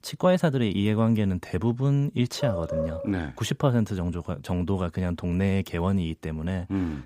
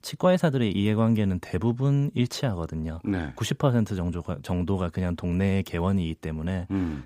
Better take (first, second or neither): second